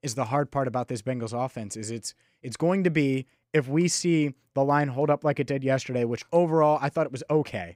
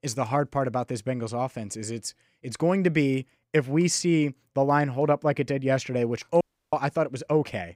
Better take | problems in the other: first | audio cutting out; at 6.5 s

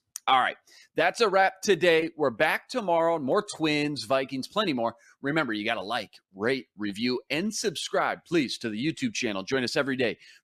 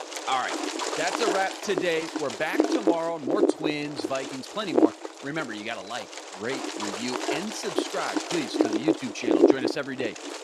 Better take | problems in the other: first | wind noise on the microphone; heavy; 2 dB above the speech

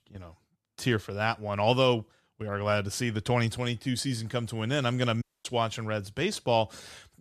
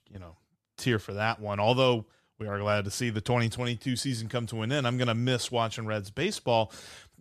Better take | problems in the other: second | audio cutting out; at 5 s

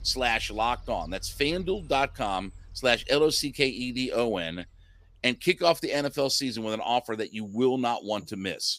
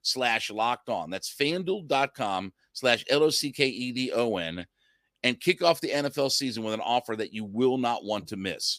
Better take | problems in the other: second | animal sounds; faint; throughout; 20 dB below the speech

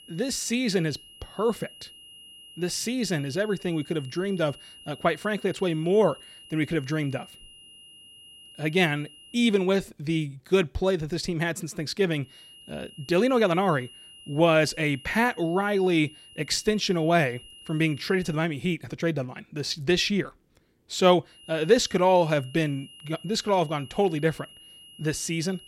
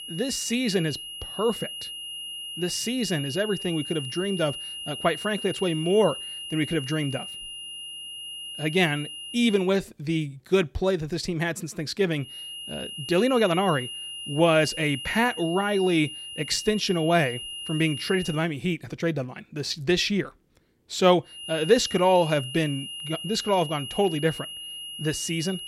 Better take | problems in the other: first | high-pitched whine; loud; until 9.5 s, from 12 to 18 s and from 21 s on; 3 kHz, 9 dB below the speech; faint in the first

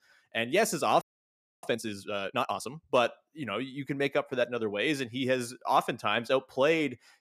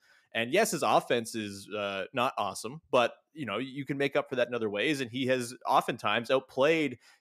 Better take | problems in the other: second | audio freezing; at 1 s for 0.5 s

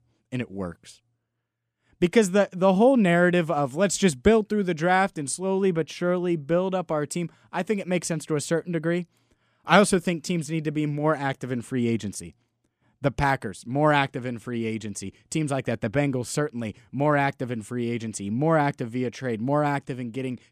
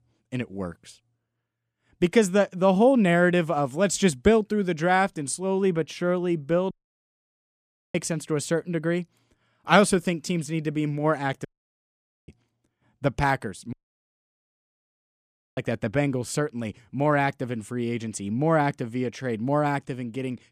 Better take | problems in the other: first | audio cutting out; at 6.5 s for 1 s, at 11 s for 1 s and at 14 s for 2 s

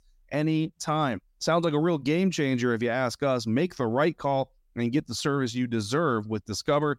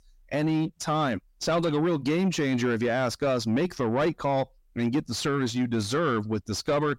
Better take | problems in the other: first | distortion; slight; 10 dB below the speech

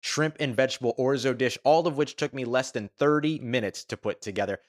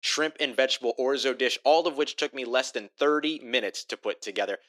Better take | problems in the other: first | thin; very slightly; fading below 300 Hz

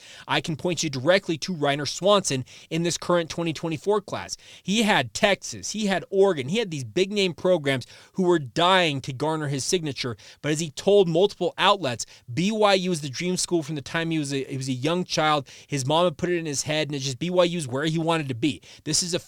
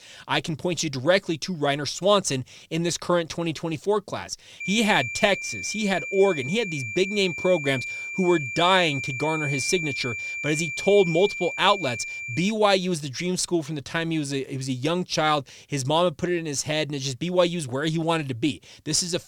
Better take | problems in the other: first | high-pitched whine; loud; from 4.5 to 13 s; 2.5 kHz, 6 dB below the speech

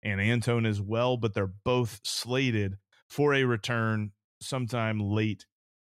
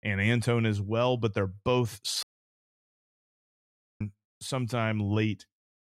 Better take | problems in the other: first | audio cutting out; at 2 s for 2 s

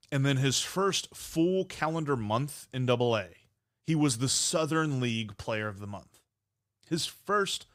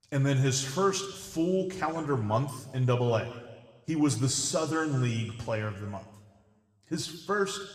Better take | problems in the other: first | room echo; slight; dies away in 1.4 s

